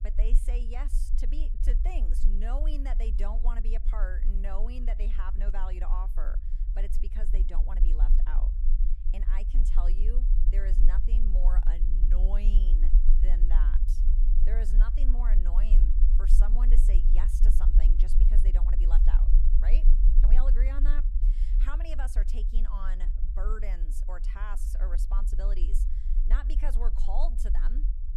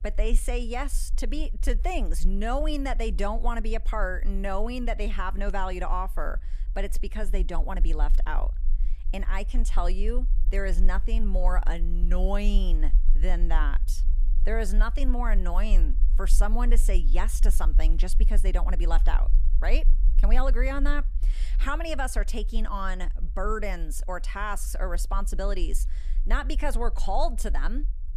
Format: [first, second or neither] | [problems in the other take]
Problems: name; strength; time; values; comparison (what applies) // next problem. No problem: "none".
second | low rumble; loud; throughout; 7 dB below the speech; faint in the second